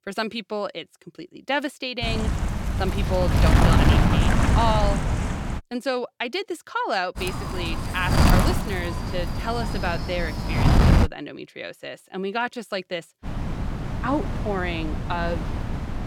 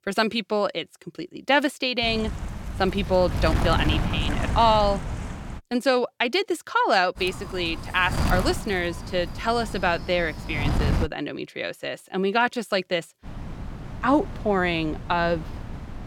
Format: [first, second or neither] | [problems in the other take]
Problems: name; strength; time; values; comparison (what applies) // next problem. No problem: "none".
second | wind noise on the microphone; heavy; from 2 to 5.5 s, from 7 to 11 s and from 13 s on; 1 dB below the speech; occasional gusts in the second